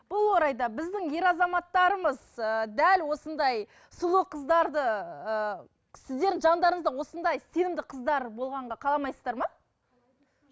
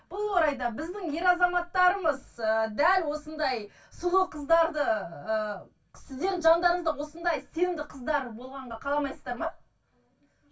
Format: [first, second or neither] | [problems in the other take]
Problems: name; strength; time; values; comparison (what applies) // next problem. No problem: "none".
first | room echo; dies away in 0.1 s